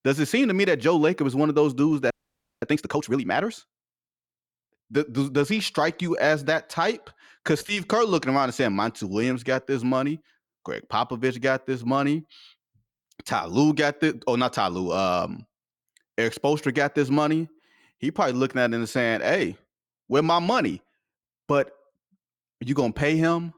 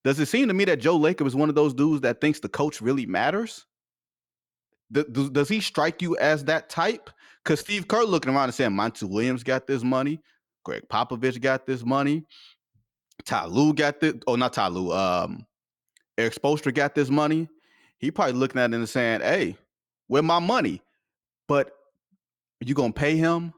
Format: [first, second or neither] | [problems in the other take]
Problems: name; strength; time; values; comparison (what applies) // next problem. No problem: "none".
second | audio freezing; at 2 s for 0.5 s